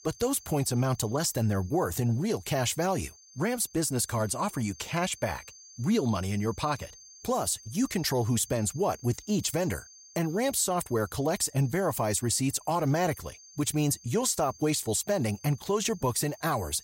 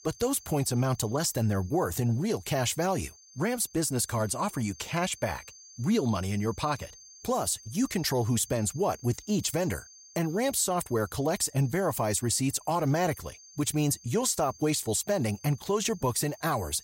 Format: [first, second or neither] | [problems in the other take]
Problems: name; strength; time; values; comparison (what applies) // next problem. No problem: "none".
neither | high-pitched whine; faint; throughout; 6.5 kHz, 20 dB below the speech; the same in both